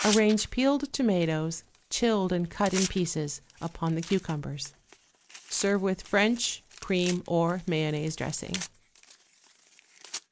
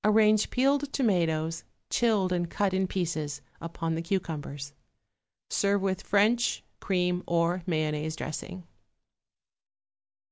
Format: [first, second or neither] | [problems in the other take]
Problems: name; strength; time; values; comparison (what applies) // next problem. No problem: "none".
second | background sound (Tearing); 13 dB below the speech